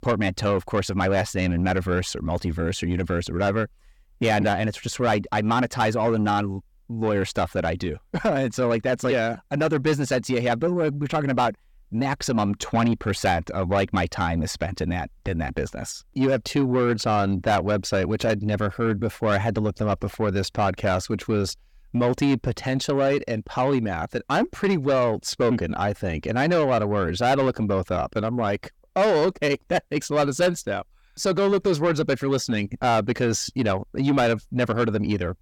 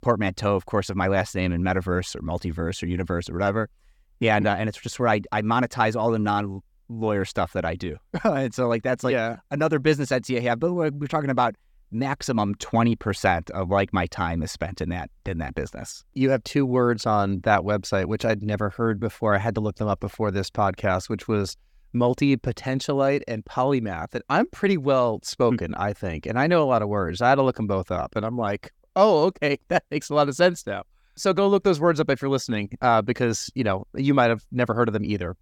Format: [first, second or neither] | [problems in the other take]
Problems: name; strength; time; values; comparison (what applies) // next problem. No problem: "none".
second | distortion; slight; 10 dB below the speech